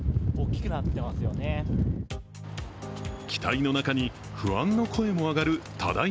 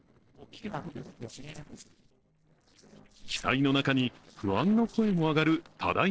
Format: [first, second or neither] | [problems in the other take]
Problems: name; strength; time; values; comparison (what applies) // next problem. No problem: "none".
first | noise reduction (neural separator model SepFormer DNS4)